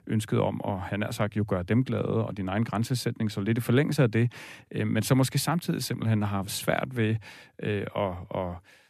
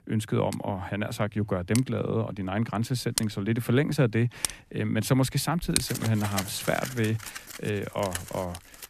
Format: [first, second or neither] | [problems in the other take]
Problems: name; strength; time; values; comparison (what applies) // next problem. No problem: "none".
first | household noises; loud; throughout; 6 dB below the speech